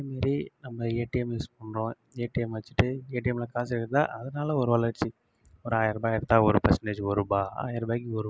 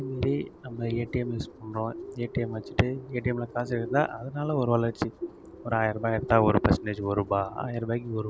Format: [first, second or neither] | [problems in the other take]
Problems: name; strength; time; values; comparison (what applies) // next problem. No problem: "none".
first | background sound (Bird); 13 dB below the speech